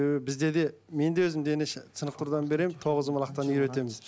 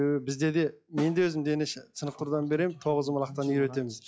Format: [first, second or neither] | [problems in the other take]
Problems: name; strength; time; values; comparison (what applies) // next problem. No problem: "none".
first | noise reduction (classical method log-MMSE)